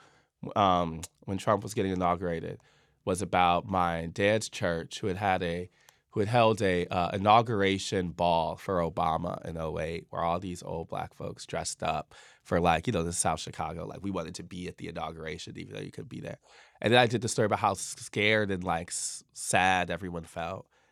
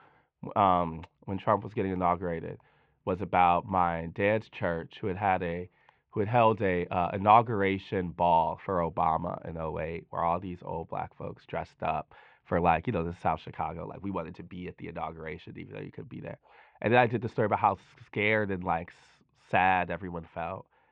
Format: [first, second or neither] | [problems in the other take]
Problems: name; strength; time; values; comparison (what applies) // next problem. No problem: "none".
first | muffled; very; fading above 2.5 kHz